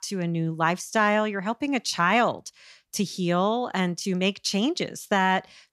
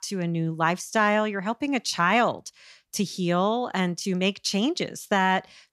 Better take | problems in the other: neither | none

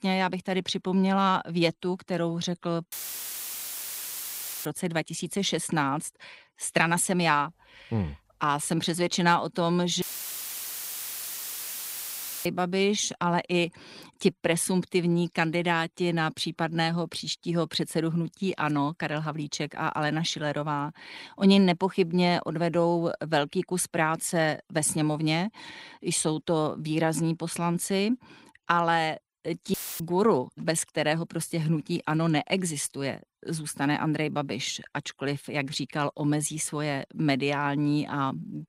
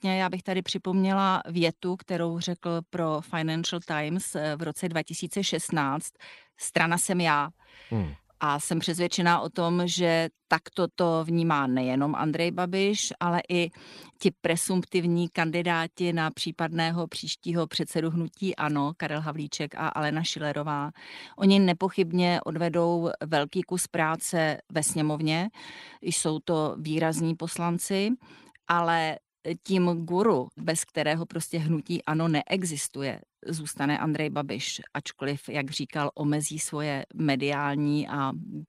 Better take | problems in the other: second | audio cutting out; filled with static; at 3 s for 1.5 s, at 10 s for 2.5 s and at 30 s

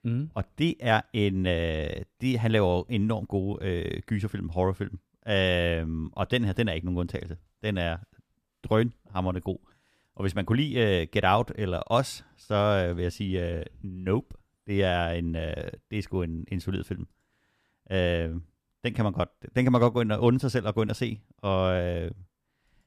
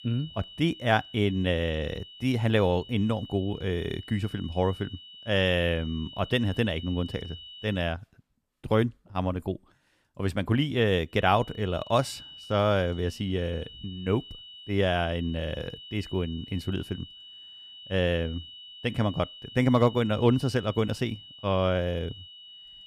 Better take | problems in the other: first | high-pitched whine; noticeable; until 8 s and from 11 s on; 3 kHz, 15 dB below the speech

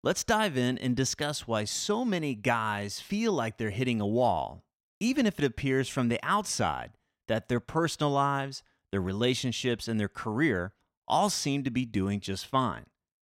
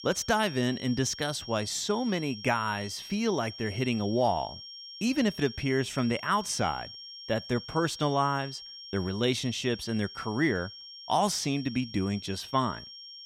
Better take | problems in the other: first | high-pitched whine; noticeable; throughout; 5.5 kHz, 15 dB below the speech

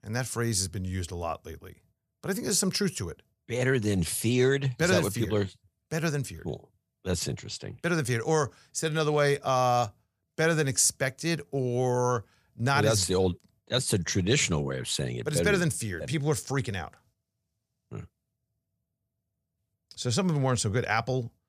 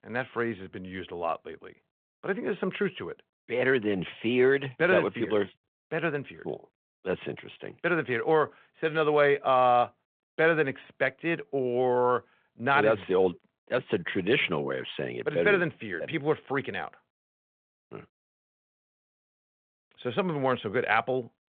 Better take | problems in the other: first | phone-call audio

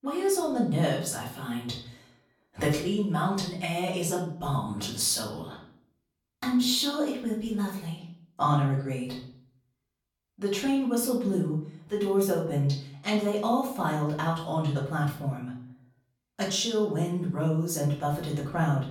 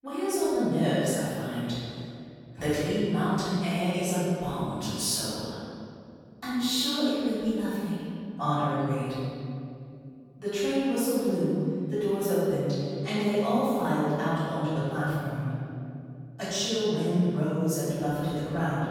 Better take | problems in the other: first | room echo; strong; dies away in 2.4 s; slight in the first // off-mic speech; far; far in the first

